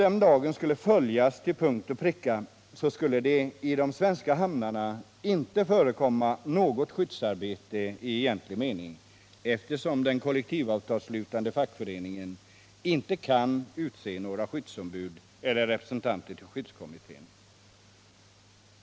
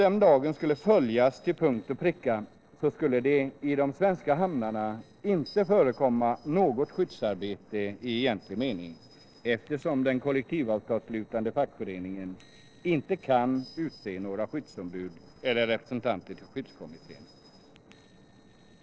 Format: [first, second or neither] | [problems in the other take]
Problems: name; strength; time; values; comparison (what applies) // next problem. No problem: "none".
first | noise reduction (neural separator model SepFormer DNS4)